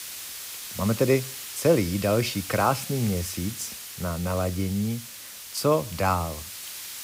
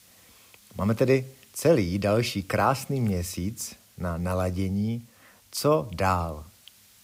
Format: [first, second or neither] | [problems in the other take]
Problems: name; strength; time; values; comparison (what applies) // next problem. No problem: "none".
second | hiss; loud; throughout; 9 dB below the speech; faint in the second